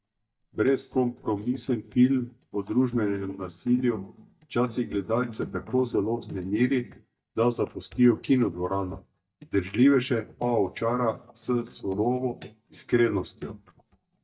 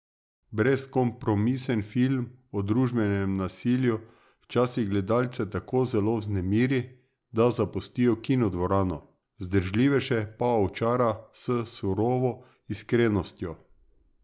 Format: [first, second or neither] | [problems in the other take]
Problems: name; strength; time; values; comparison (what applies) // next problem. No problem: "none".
second | noise reduction (neural mask model DeepFilterNet 3)